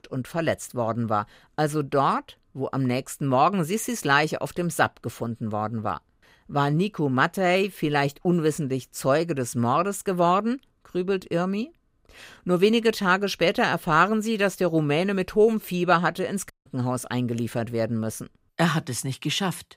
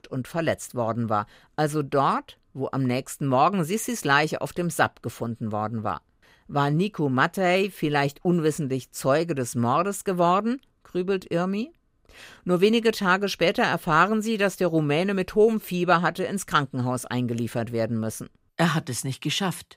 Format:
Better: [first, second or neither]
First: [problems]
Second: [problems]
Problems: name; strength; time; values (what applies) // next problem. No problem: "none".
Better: second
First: audio cutting out; at 17 s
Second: none